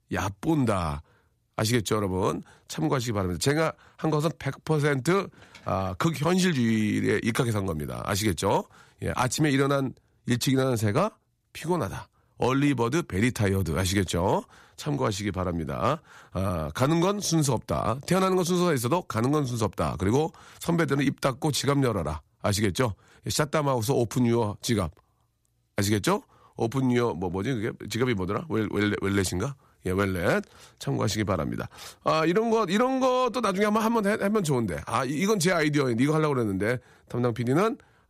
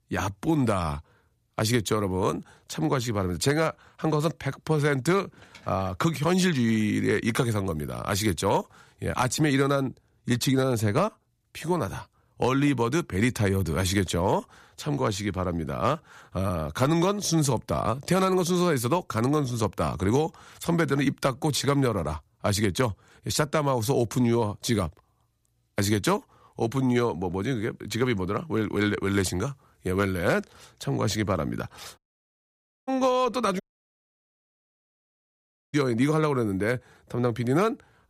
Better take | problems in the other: first | audio cutting out; at 32 s for 1 s and at 34 s for 2 s

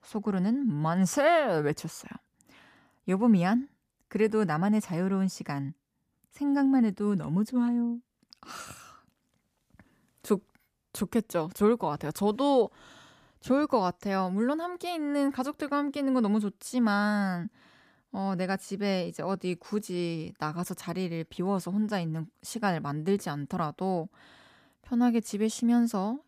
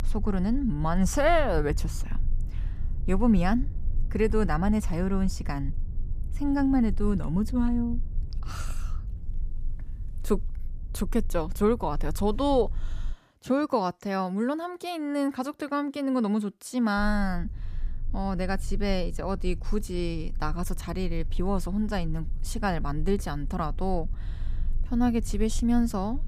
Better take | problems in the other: first | low rumble; faint; until 13 s and from 17 s on; 25 dB below the speech

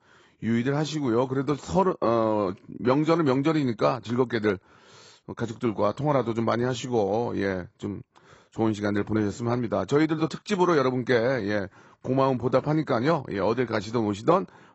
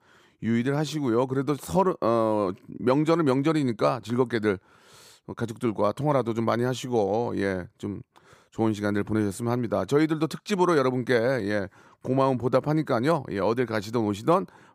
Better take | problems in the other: second | garbled, watery; badly; nothing above 8 kHz

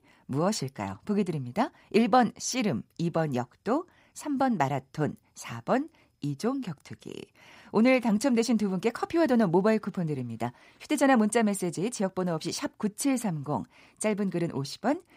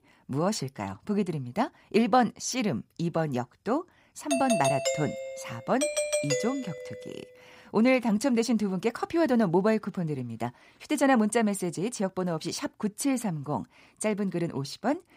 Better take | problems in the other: first | doorbell; loud; from 4.5 to 7 s; peak 1 dB above the speech

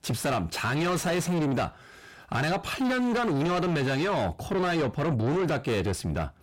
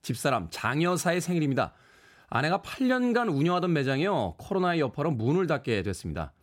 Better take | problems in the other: second | distortion; heavy; 6 dB below the speech

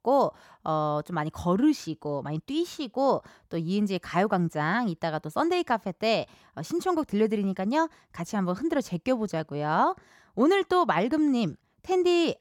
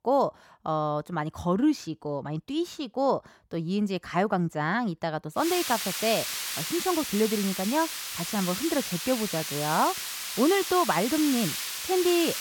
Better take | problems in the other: first | hiss; loud; from 5.5 s on; 3 dB below the speech

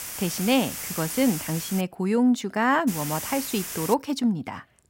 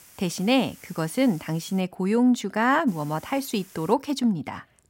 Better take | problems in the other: second | hiss; loud; until 2 s and from 3 to 4 s; 7 dB below the speech; faint in the second

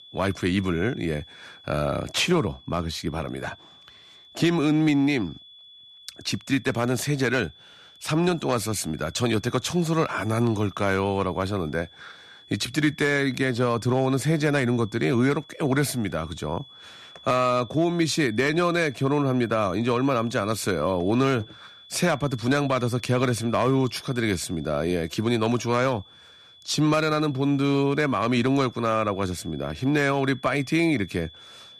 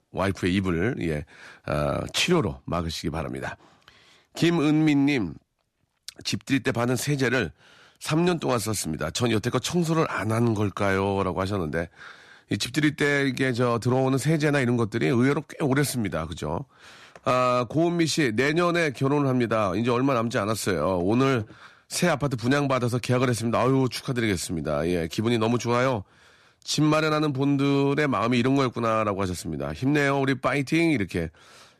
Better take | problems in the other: second | high-pitched whine; faint; throughout; 3.5 kHz, 20 dB below the speech

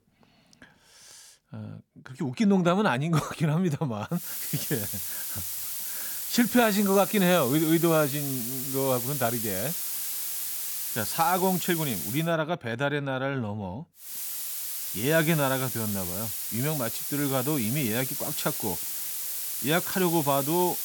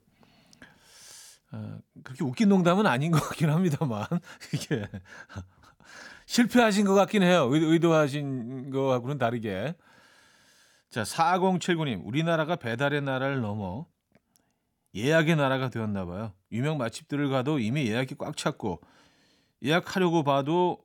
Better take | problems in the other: second | hiss; loud; from 4 to 12 s and from 14 s on; 3 dB below the speech

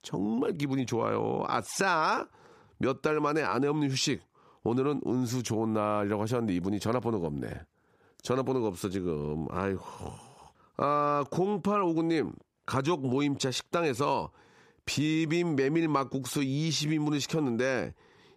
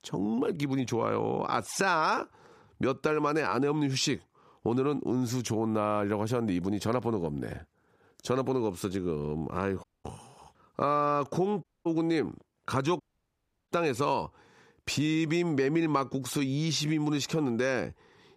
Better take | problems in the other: first | audio cutting out; at 10 s, at 12 s and at 13 s for 0.5 s

